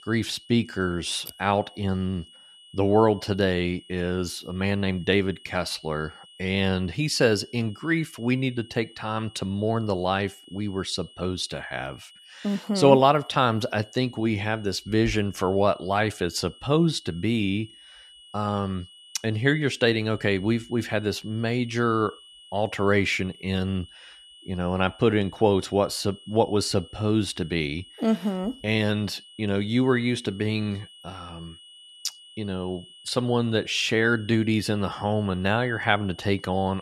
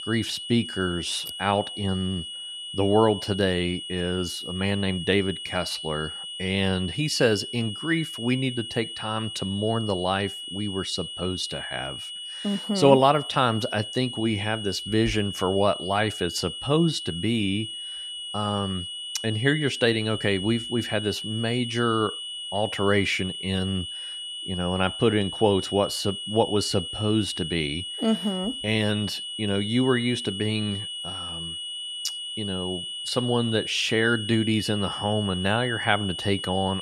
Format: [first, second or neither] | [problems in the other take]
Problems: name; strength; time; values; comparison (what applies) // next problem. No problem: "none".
first | high-pitched whine; loud; throughout; 3 kHz, 7 dB below the speech; faint in the first